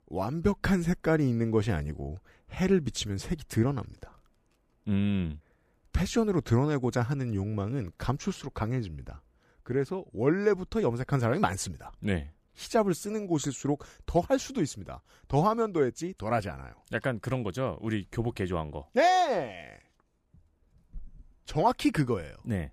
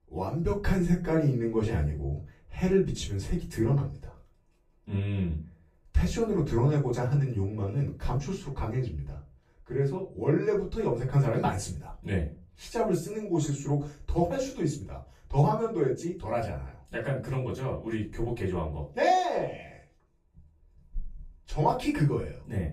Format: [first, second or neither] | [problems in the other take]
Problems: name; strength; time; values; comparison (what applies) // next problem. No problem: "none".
first | off-mic speech; far // room echo; slight; dies away in 0.3 s